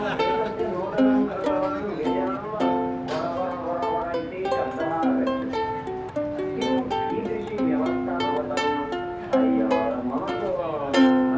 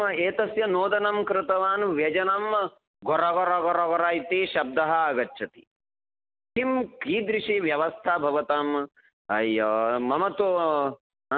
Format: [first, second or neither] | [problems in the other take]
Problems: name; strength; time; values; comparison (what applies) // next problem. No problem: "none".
second | background sound (Plucked string instrument); 4 dB above the speech // room echo; dies away in 0.7 s